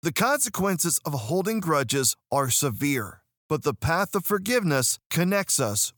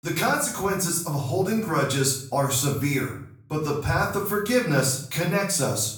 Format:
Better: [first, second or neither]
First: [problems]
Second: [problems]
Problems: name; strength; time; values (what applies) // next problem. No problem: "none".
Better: first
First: none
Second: off-mic speech; far // room echo; slight; dies away in 0.5 s